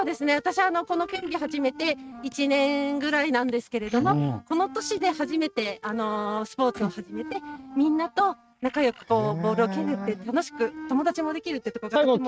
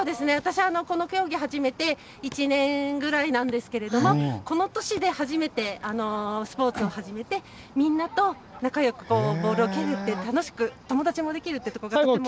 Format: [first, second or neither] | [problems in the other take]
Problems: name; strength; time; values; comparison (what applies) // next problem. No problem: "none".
second | noise reduction (neural mask model RNNoise)